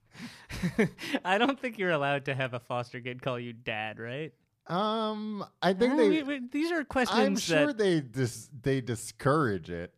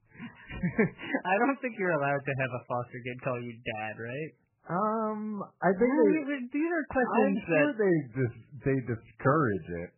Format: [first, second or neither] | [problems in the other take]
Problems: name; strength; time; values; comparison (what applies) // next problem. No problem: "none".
first | garbled, watery; badly; nothing above 2.5 kHz